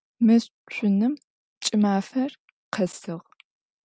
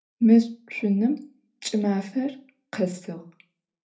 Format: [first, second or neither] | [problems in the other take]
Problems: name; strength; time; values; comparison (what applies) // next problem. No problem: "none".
first | room echo; dies away in 0.3 s